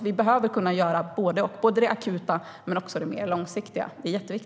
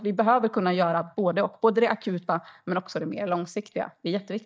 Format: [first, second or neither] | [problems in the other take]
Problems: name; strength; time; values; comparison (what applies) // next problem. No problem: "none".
first | noise reduction (neural mask model DeepFilterNet 3)